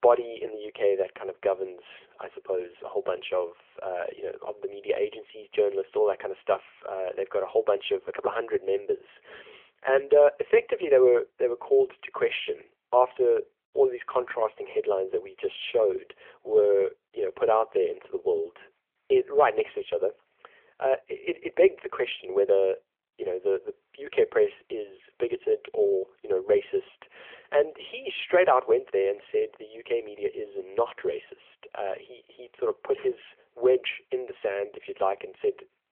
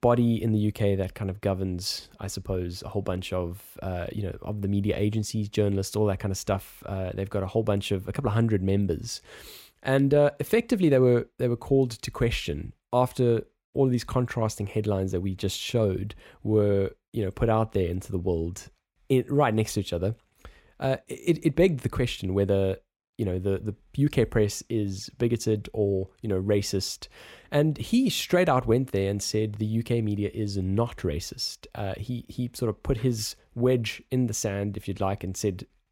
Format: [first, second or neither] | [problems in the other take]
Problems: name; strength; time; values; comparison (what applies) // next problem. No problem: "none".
second | phone-call audio; nothing above 3.5 kHz